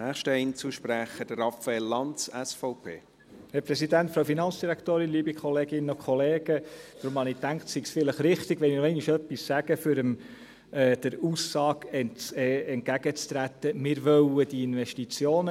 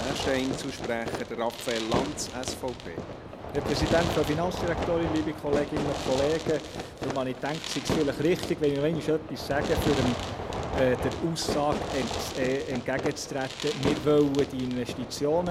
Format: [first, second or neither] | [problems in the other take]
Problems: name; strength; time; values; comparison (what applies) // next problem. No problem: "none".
first | background sound (Fireworks); 4 dB below the speech